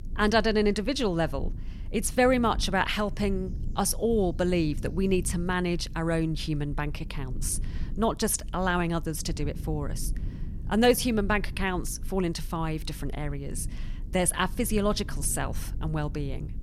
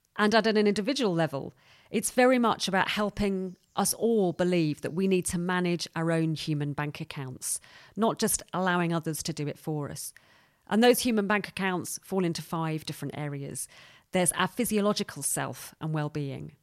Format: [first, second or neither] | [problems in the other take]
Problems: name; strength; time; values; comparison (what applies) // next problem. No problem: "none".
second | low rumble; faint; throughout; 25 dB below the speech